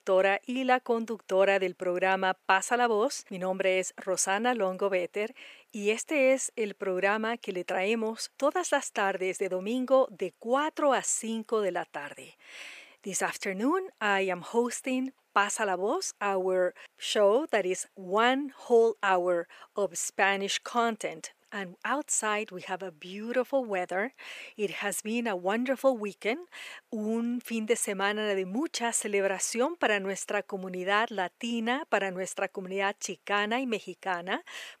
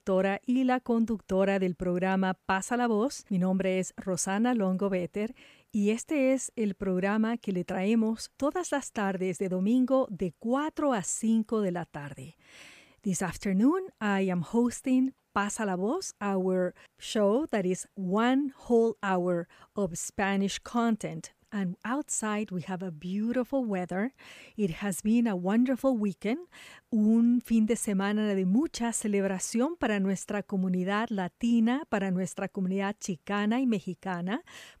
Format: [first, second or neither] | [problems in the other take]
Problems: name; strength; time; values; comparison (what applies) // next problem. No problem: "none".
second | thin; somewhat; fading below 500 Hz